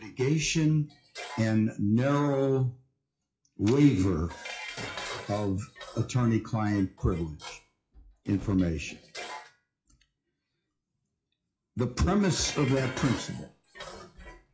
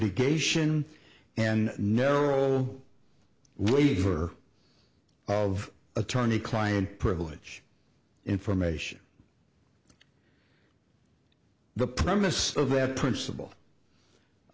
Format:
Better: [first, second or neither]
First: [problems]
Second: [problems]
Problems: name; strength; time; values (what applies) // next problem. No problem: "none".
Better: second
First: noise reduction (classical method WPE with log-MMSE)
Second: none